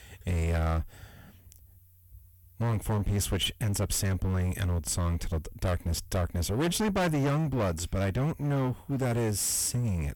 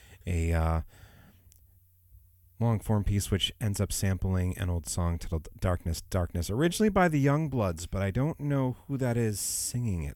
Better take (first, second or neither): second